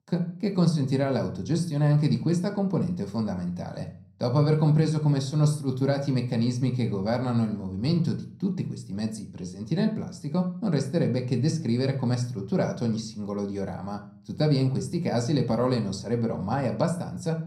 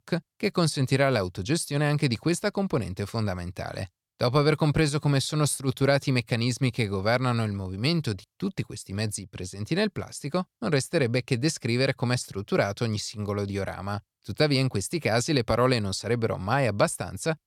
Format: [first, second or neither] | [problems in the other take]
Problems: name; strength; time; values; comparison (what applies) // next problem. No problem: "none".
second | room echo; slight; dies away in 0.6 s // off-mic speech; somewhat distant